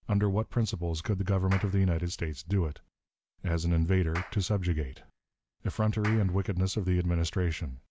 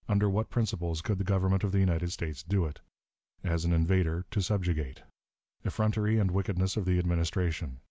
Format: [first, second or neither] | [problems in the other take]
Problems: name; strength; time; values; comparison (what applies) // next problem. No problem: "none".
second | background sound (Clapping); 18 dB below the speech